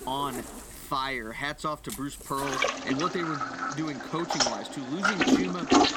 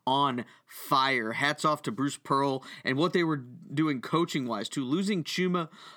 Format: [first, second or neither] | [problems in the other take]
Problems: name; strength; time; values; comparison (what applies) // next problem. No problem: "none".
second | household noises; very loud; throughout; 5 dB above the speech